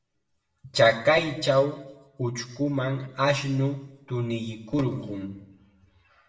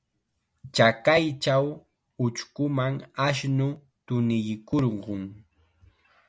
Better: second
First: room echo; dies away in 0.7 s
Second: none

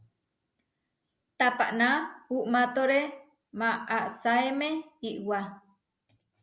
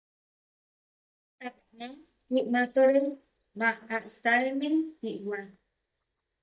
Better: first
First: none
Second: noise reduction (neural mask model DeepFilterNet 3)

